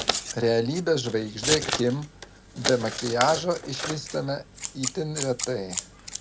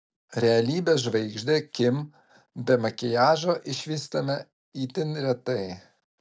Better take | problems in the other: second | background sound (Scissors); 5 dB below the speech

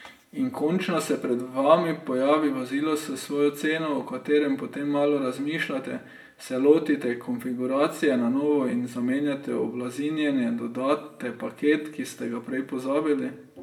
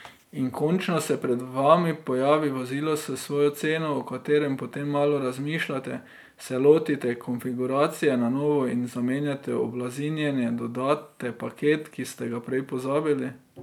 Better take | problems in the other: second | room echo; dies away in 0.6 s

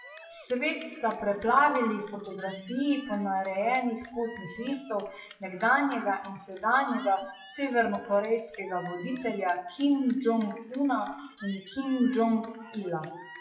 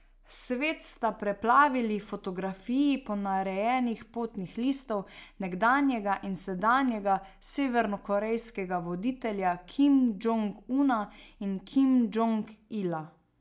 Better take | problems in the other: second | noise reduction (classical method WPE with log-MMSE)

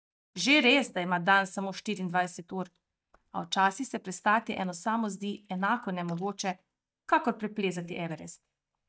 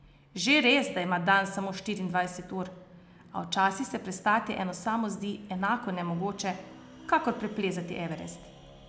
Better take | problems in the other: second | noise reduction (neural mask model DeepFilterNet 3)

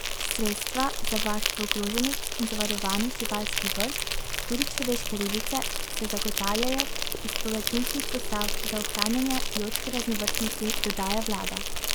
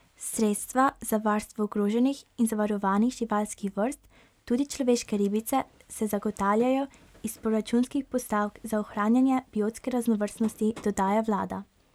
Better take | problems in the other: second | background sound (Insect); 3 dB above the speech

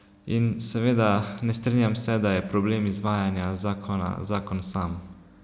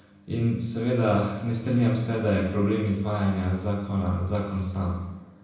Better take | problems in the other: first | room echo; dies away in 0.9 s

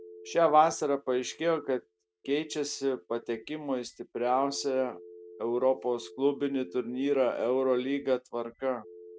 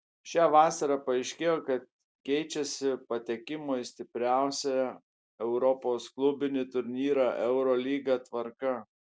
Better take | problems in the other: second | noise reduction (neural mask model RNNoise)

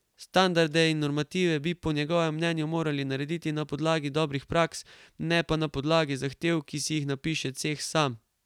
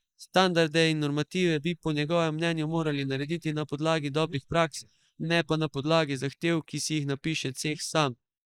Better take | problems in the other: first | noise reduction (neural mask model Resemble Enhance denoiser)

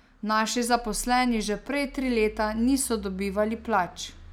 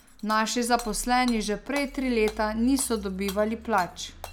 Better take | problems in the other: first | background sound (Shatter / Hammer); 19 dB below the speech

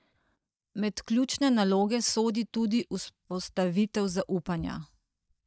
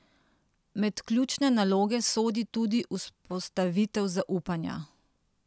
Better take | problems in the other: second | noise reduction (neural mask model DeepFilterNet 3)

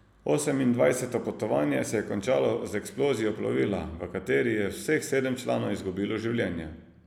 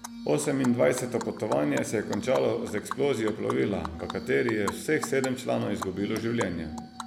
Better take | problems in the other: first | background sound (Glass + Animal); 11 dB below the speech

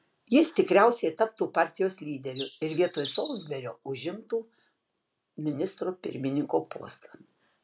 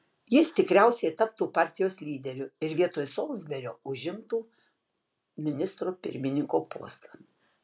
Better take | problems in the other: second | background sound (Bird); 14 dB below the speech

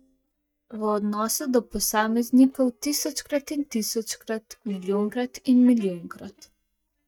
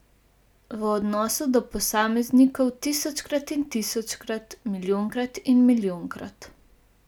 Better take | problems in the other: second | noise reduction (neural mask model DeepFilterNet 3)

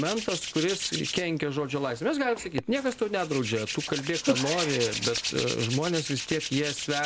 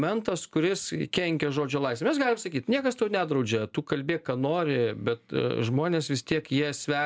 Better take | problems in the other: second | background sound (Hands); 5 dB below the speech

